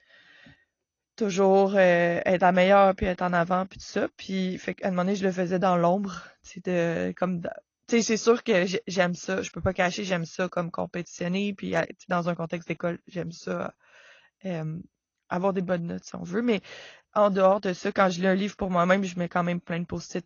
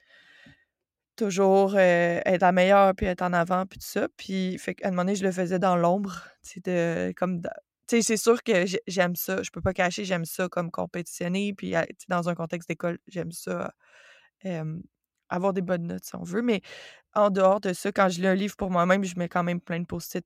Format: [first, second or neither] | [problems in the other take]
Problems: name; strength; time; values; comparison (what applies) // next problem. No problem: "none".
second | garbled, watery; slightly; nothing above 6.5 kHz